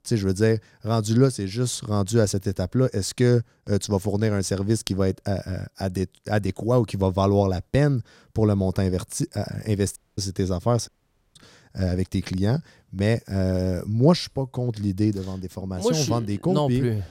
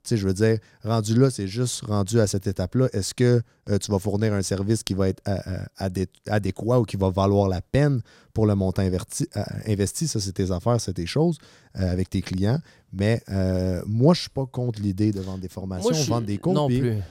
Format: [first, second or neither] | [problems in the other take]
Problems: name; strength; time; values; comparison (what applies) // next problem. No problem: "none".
second | audio cutting out; at 10 s and at 11 s